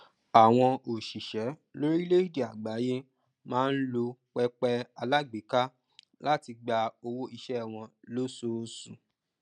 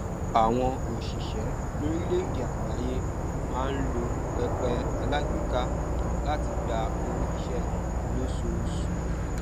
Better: first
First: none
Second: background sound (Insect / Frog); 4 dB above the speech

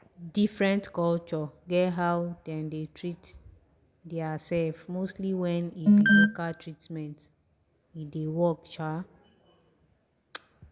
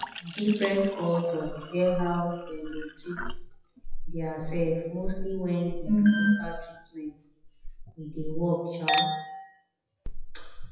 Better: first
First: none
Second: noise reduction (classical method WPE with log-MMSE)

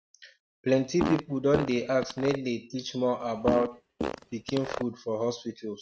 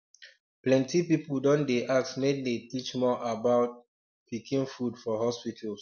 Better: second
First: noise reduction (neural mask model RNNoise)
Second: none

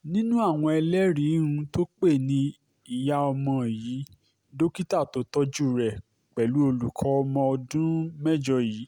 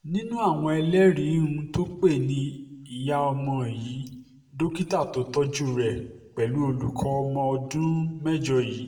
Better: first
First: none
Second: room echo; dies away in 0.7 s

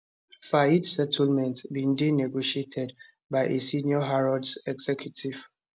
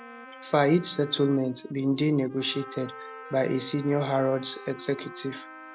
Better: first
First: none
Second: background sound (Wind instrument, woodwind instrument + Wind instrument, woodwind instrument); 16 dB below the speech

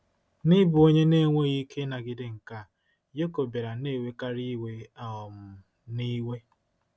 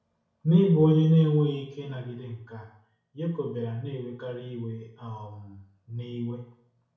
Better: first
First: none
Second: room echo; dies away in 0.6 s

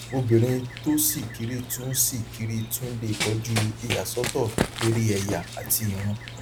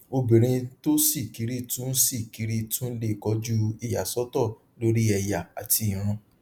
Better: second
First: background sound (Run); 8 dB below the speech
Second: none

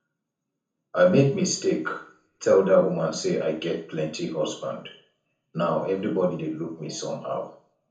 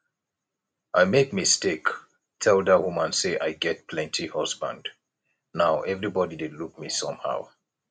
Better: second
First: room echo; dies away in 0.6 s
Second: none

